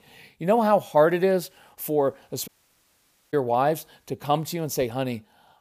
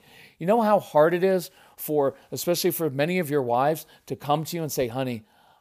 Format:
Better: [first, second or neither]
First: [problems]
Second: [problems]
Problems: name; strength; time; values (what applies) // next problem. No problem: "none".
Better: second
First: audio cutting out; at 2.5 s for 1 s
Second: none